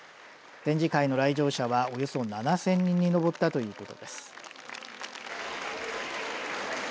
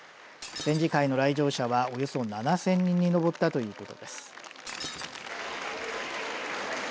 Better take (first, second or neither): first